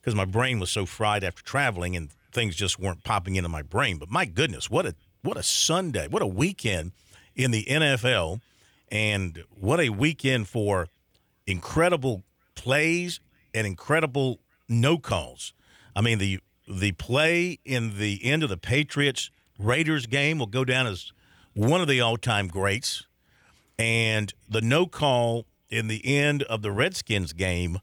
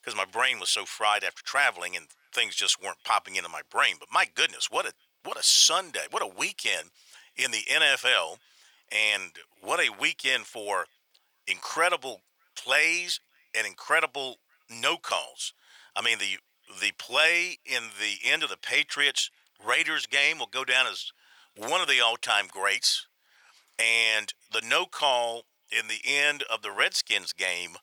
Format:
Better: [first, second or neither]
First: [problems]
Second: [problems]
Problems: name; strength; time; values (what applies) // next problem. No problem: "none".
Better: first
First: none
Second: thin; very; fading below 900 Hz